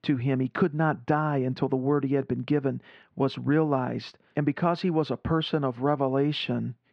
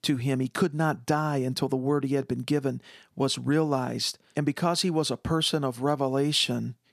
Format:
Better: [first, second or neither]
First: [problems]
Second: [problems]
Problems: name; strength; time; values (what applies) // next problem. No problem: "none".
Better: second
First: muffled; very; fading above 2.5 kHz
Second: none